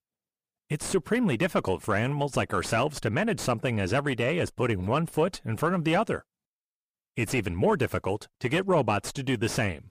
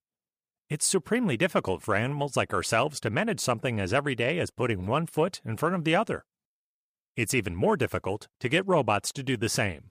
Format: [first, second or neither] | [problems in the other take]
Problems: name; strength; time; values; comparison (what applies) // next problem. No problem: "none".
second | distortion; slight; 10 dB below the speech